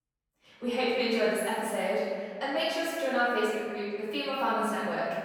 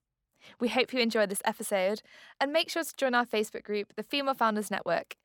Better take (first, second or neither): second